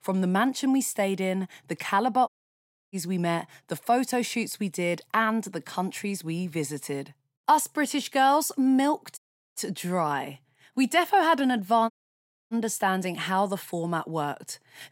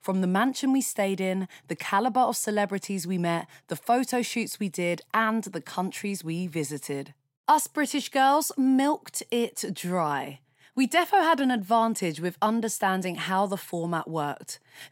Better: second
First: audio cutting out; at 2.5 s for 0.5 s, at 9 s and at 12 s for 0.5 s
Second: none

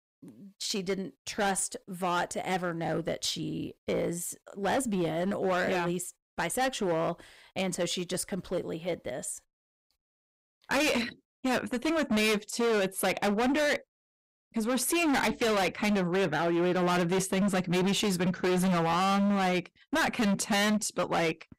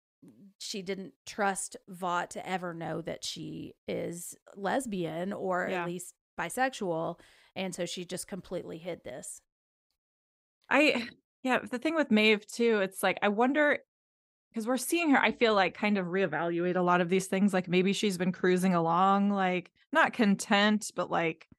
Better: second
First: distortion; heavy; 19% of the sound clipped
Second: none

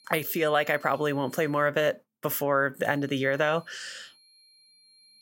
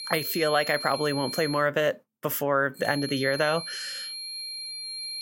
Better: first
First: high-pitched whine; faint; until 1.5 s and from 3 s on; 4 kHz, 30 dB below the speech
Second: high-pitched whine; loud; until 1.5 s and from 3 s on; 4 kHz, 8 dB below the speech

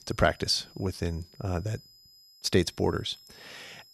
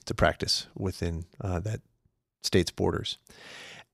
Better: second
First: high-pitched whine; faint; throughout; 5 kHz, 25 dB below the speech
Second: none

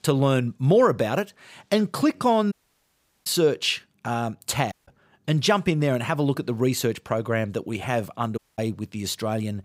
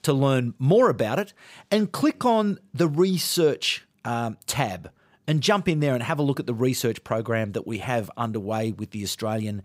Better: second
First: audio cutting out; at 2.5 s for 0.5 s, at 4.5 s and at 8.5 s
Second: none

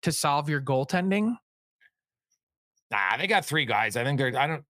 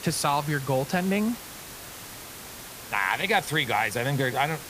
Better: first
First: none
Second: hiss; noticeable; throughout; 15 dB below the speech

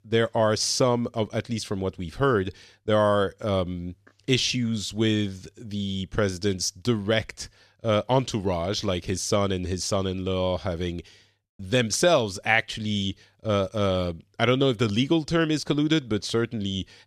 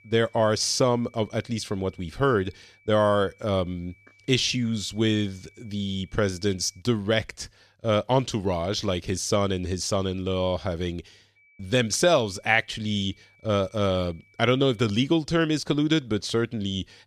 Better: first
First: none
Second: high-pitched whine; faint; until 7 s and from 11 to 15 s; 2.5 kHz, 30 dB below the speech

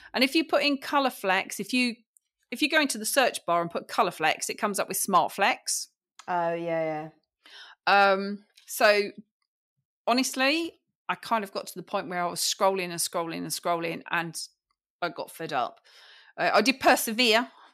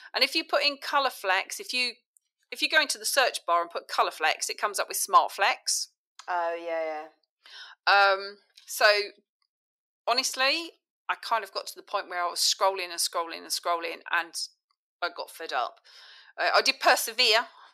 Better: first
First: none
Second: thin; very; fading below 400 Hz

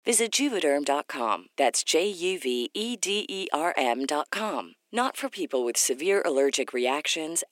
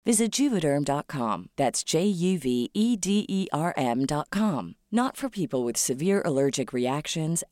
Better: second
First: thin; somewhat; fading below 300 Hz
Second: none

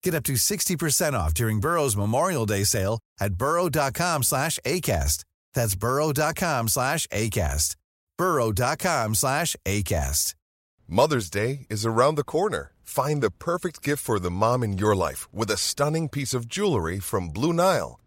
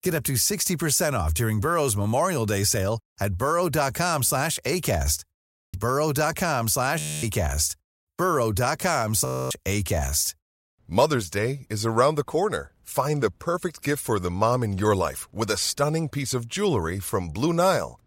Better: first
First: none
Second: audio freezing; at 5.5 s, at 7 s and at 9.5 s

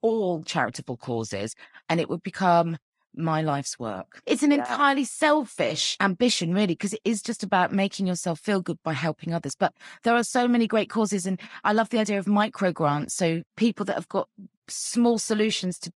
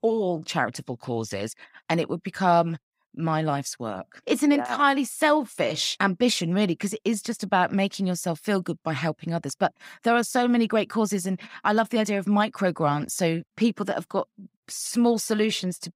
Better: second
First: garbled, watery; slightly; nothing above 10.5 kHz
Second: none

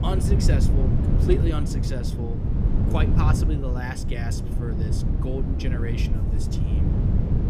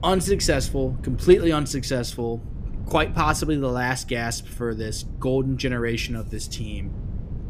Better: second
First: low rumble; loud; throughout; 1 dB below the speech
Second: low rumble; faint; throughout; 20 dB below the speech

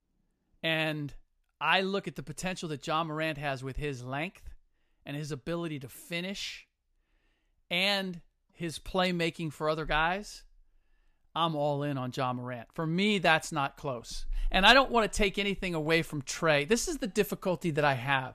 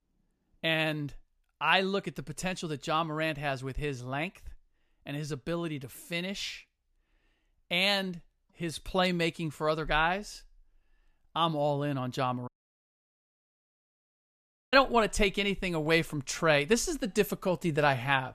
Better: first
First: none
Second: audio cutting out; at 12 s for 2 s

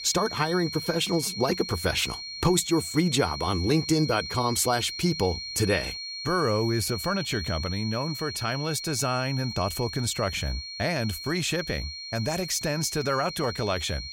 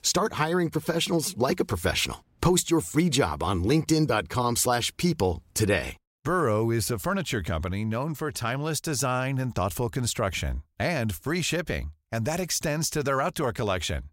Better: second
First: high-pitched whine; loud; throughout; 4.5 kHz, 7 dB below the speech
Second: none

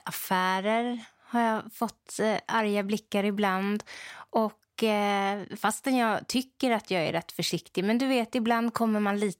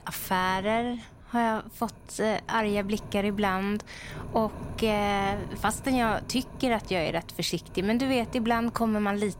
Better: first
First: none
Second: wind noise on the microphone; occasional gusts; 20 dB below the speech

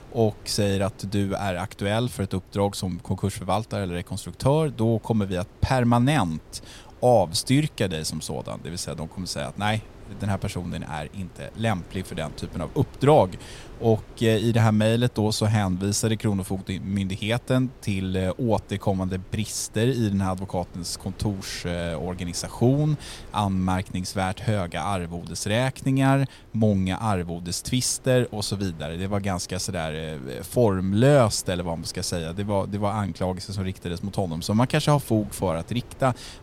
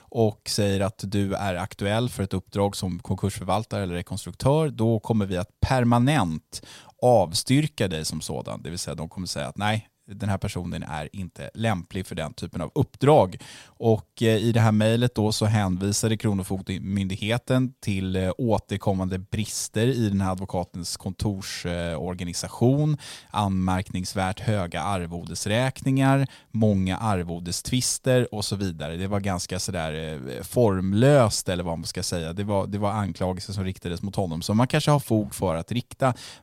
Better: second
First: wind noise on the microphone; occasional gusts; 25 dB below the speech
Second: none

